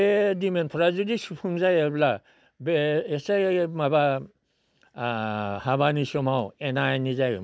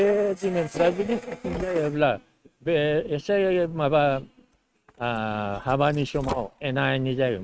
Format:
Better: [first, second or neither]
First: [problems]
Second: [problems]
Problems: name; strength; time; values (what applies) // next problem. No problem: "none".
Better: first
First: none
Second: noise reduction (neural mask model RNNoise)